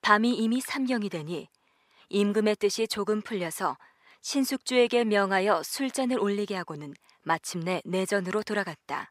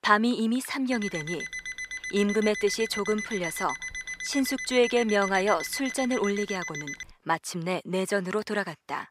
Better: first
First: none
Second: alarm; noticeable; from 1 to 7 s; peak 6 dB below the speech

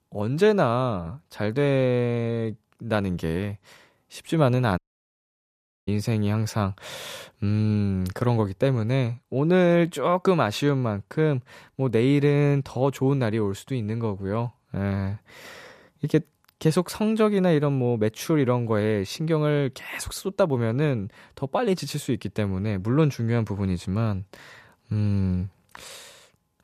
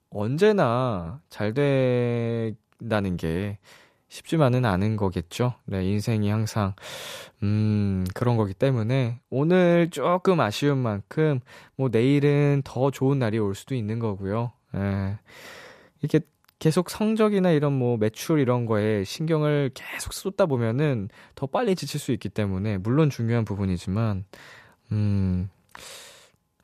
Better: second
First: audio cutting out; at 5 s for 1 s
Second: none

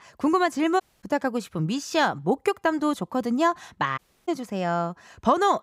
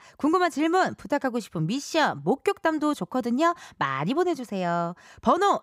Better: second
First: audio cutting out; at 1 s and at 4 s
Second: none

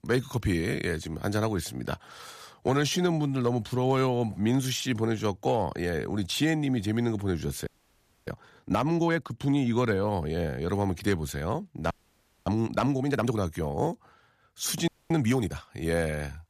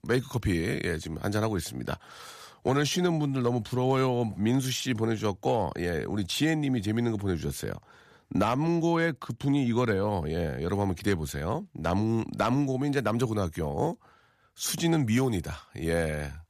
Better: second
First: audio freezing; at 7.5 s for 0.5 s, at 12 s for 0.5 s and at 15 s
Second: none

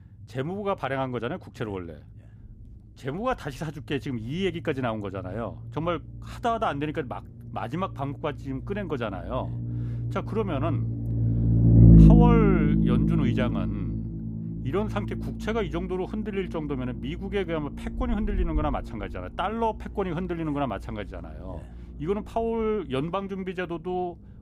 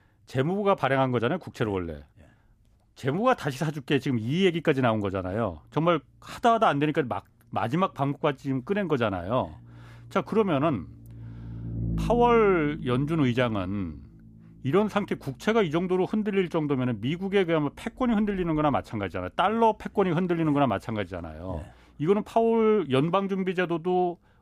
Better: second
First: low rumble; loud; throughout; 1 dB below the speech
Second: low rumble; faint; throughout; 25 dB below the speech

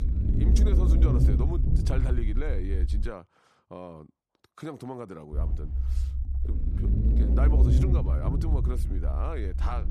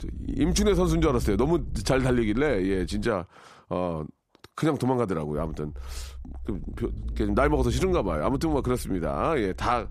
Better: second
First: low rumble; loud; until 3 s and from 5.5 s on; 1 dB below the speech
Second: low rumble; faint; until 3 s and from 5.5 s on; 25 dB below the speech

